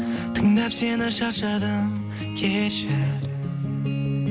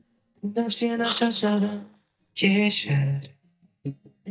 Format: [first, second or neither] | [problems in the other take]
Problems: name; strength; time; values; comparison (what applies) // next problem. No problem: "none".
first | noise reduction (neural mask model DeepFilterNet 3)